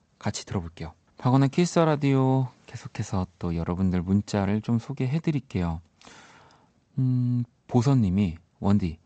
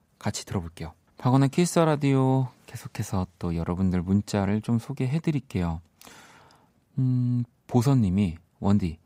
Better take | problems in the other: second | garbled, watery; slightly; nothing above 8 kHz

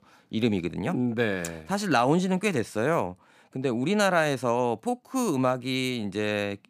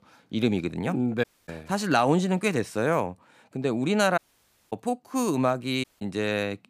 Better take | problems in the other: first | audio cutting out; at 1 s, at 4 s for 0.5 s and at 6 s

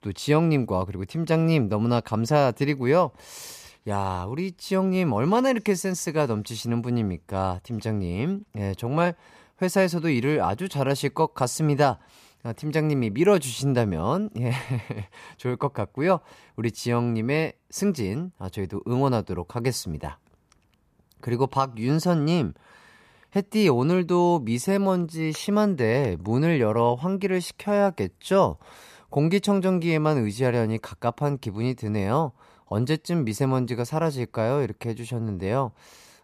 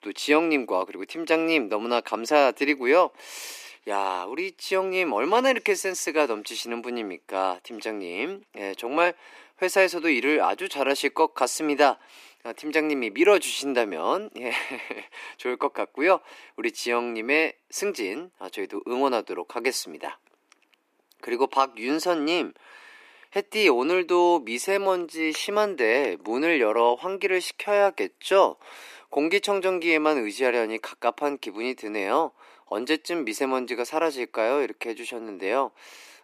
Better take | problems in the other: first | thin; somewhat; fading below 300 Hz

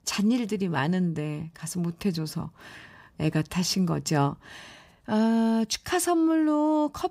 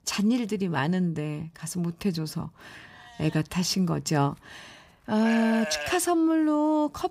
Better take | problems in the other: first | animal sounds; loud; from 3 s on; 8 dB below the speech

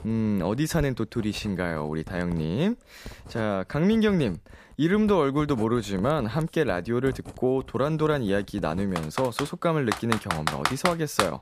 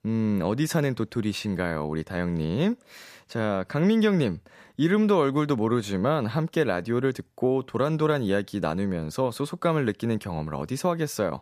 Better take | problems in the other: second | household noises; loud; throughout; 9 dB below the speech

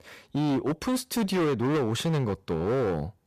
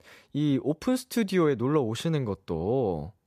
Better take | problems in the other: second | distortion; heavy; 24% of the sound clipped

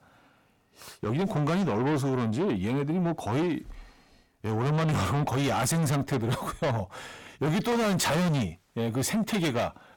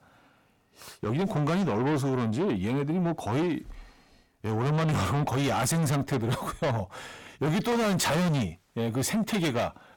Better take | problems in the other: neither | distortion; heavy; 6 dB below the speech; the same in both

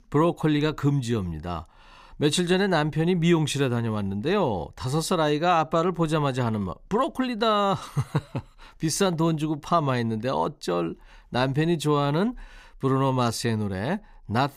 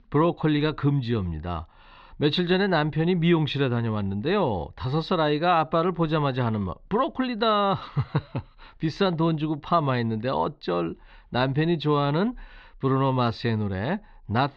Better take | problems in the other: first | muffled; very slightly; fading above 4 kHz

